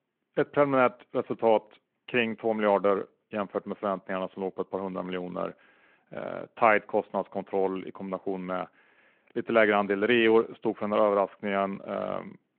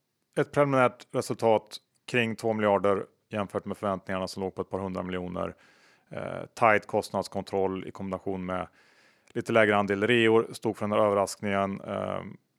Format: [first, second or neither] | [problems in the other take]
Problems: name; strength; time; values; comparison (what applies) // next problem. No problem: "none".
second | phone-call audio